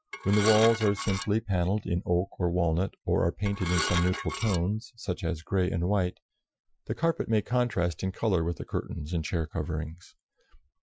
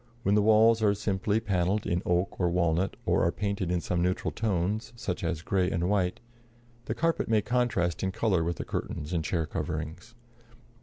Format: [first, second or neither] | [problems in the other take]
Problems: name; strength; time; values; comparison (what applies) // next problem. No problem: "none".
second | noise reduction (classical method Wiener filter)